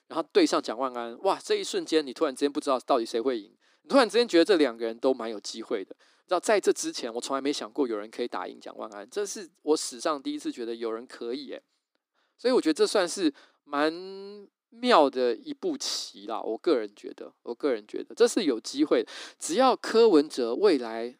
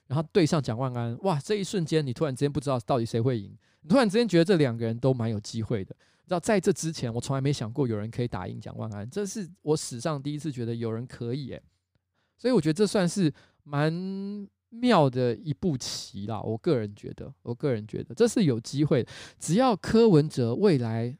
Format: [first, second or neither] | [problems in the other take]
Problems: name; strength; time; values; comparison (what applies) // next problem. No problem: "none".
second | thin; somewhat; fading below 300 Hz